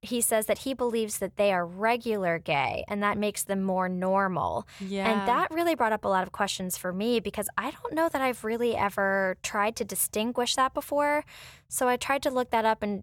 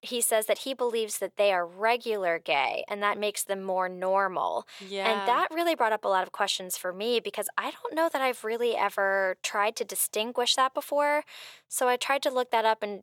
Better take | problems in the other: first | thin; somewhat; fading below 400 Hz

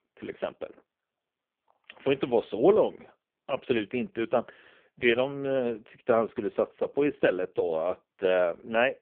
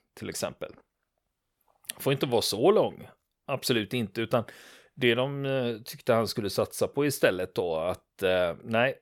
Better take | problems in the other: second | phone-call audio; poor line

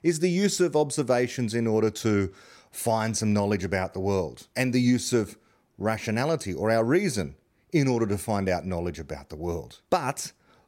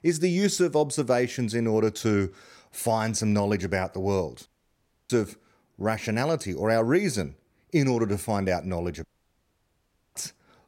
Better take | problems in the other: first | audio cutting out; at 4.5 s for 0.5 s and at 9 s for 1 s

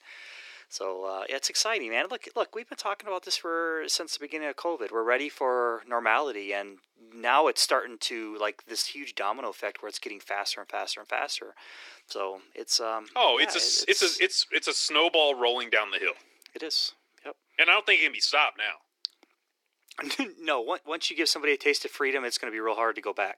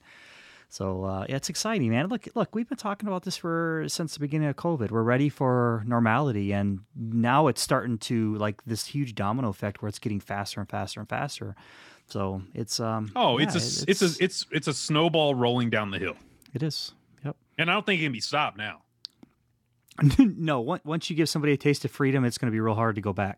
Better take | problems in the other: second | thin; very; fading below 350 Hz

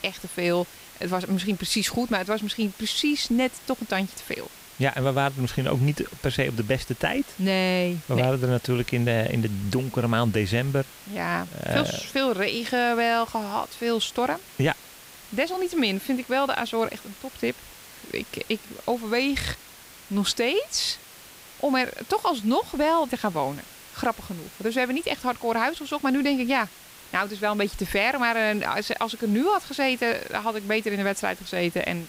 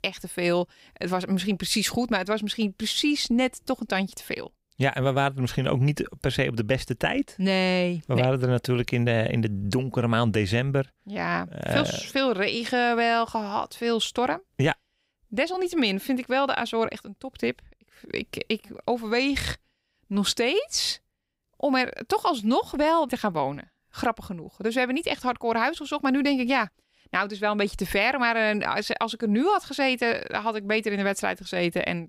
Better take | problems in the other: second | hiss; noticeable; throughout; 20 dB below the speech

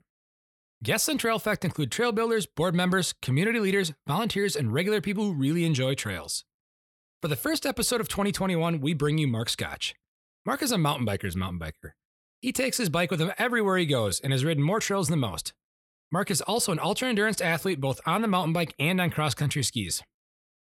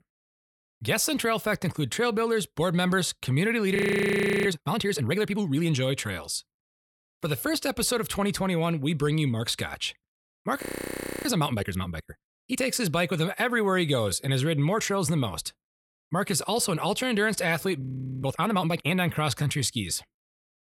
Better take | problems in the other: first | audio freezing; at 4 s for 0.5 s, at 11 s for 0.5 s and at 18 s

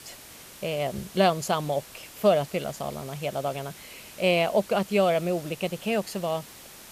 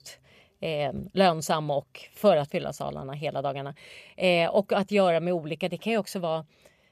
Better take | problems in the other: second | hiss; noticeable; throughout; 15 dB below the speech

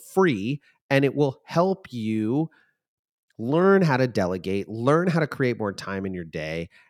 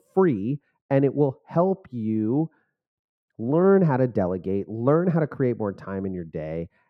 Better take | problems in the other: first | muffled; very; fading above 2 kHz

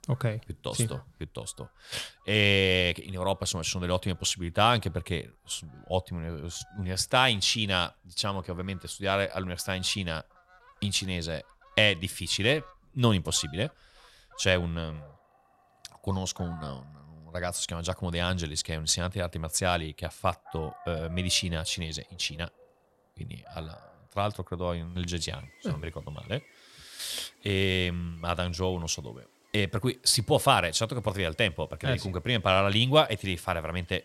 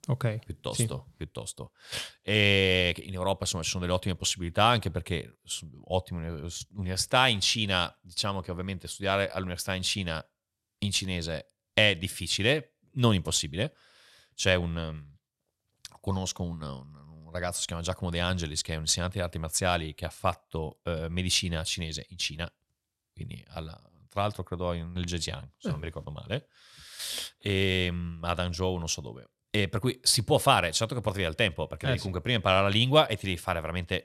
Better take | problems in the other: second | animal sounds; faint; throughout; 25 dB below the speech

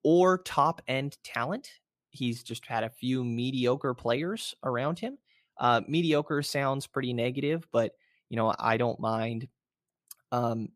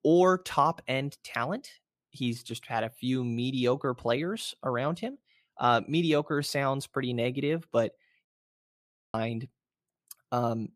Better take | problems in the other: first | audio cutting out; at 8.5 s for 1 s

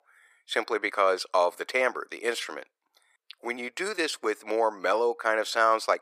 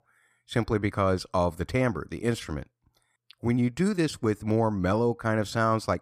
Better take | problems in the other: second | thin; very; fading below 450 Hz

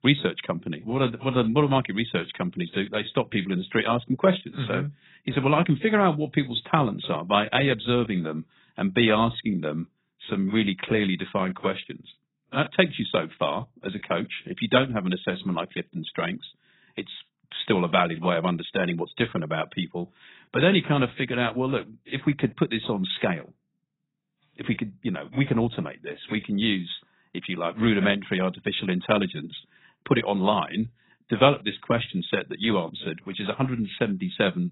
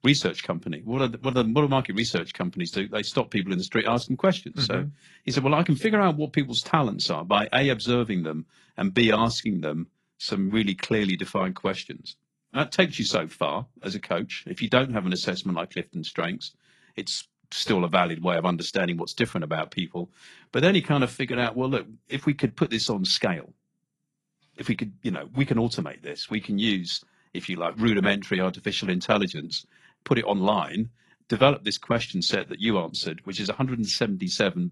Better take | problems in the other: second | garbled, watery; badly; nothing above 4 kHz; slightly in the second

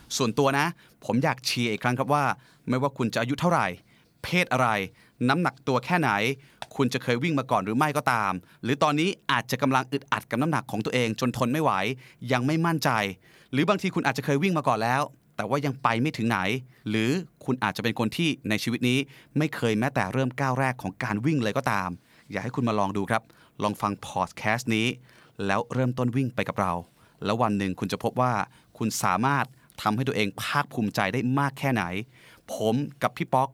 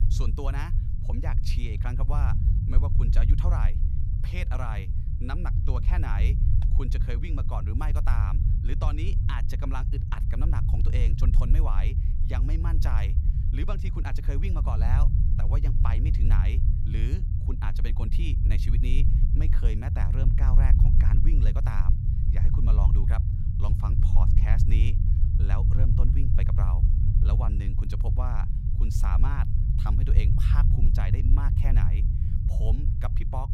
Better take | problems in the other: first | low rumble; loud; throughout; 2 dB below the speech

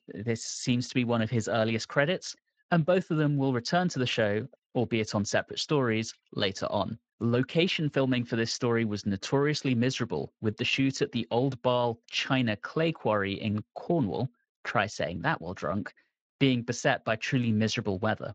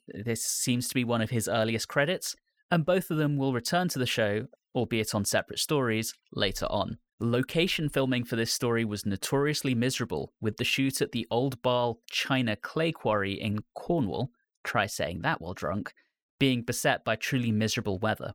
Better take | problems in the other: second | garbled, watery; slightly; nothing above 7.5 kHz

